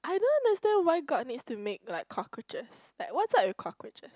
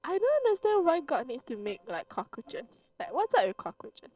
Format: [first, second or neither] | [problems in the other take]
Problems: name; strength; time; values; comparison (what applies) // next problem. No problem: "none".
first | noise reduction (neural separator model SepFormer DNS4)